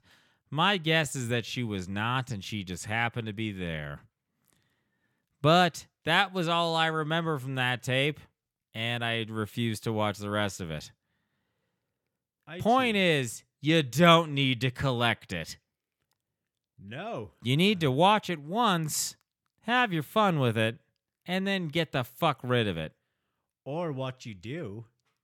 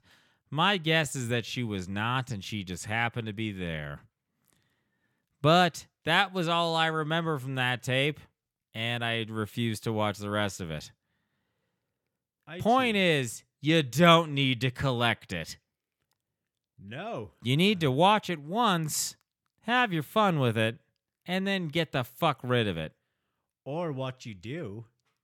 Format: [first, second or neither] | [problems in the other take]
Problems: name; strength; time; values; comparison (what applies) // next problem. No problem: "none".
neither | none